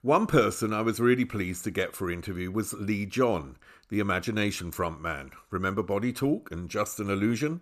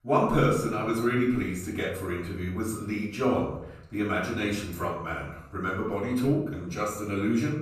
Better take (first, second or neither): first